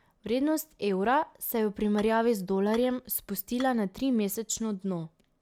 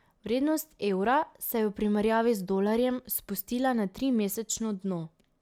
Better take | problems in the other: second | background sound (Dishes, pots, and pans / Chink, clink); 20 dB below the speech

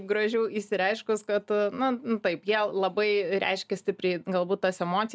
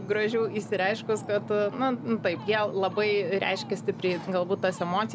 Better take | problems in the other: first | background sound (Ocean); 12 dB below the speech

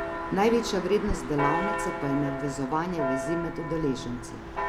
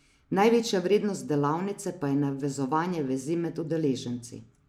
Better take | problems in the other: second | background sound (Church bell); 4 dB below the speech

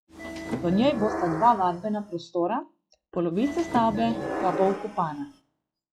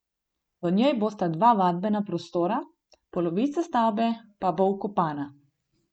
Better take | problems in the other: second | noise reduction (classical method log-MMSE)

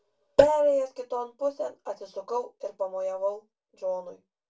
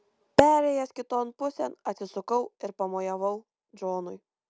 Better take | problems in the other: second | room echo; dies away in 0.2 s

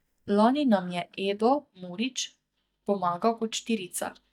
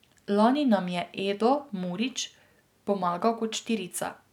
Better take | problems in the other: second | noise reduction (neural mask model DeepFilterNet 3)

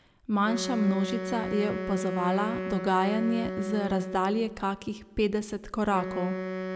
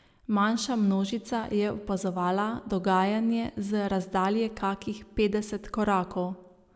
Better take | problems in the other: second | background sound (Wind instrument, woodwind instrument); 6 dB below the speech

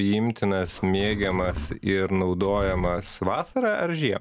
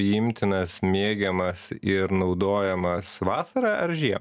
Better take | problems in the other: second | background sound (Livestock, farm animals, working animals); 11 dB below the speech

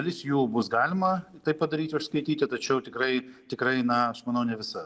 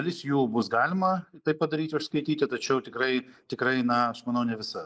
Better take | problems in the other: first | noise reduction (neural mask model Resemble Enhance denoiser)

